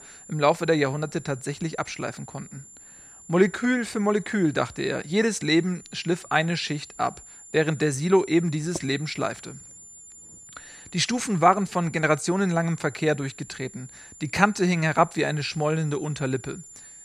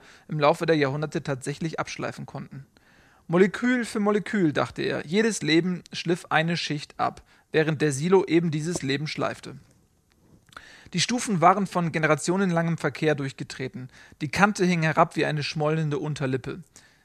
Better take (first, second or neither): second